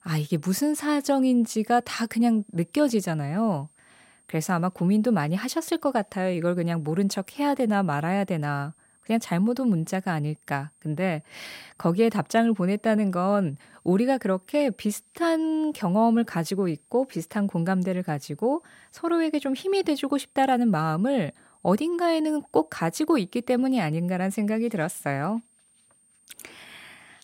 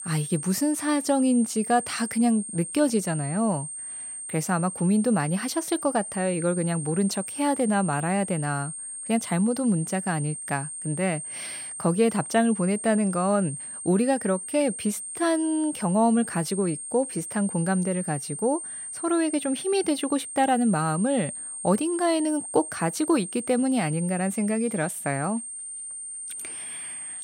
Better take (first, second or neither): first